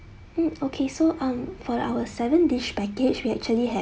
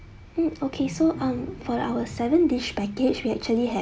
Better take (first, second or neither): first